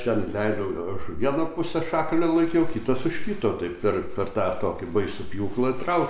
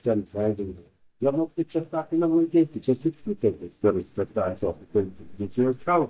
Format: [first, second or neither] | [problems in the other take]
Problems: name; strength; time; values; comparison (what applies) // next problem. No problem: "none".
first | noise reduction (neural mask model DeepFilterNet 3)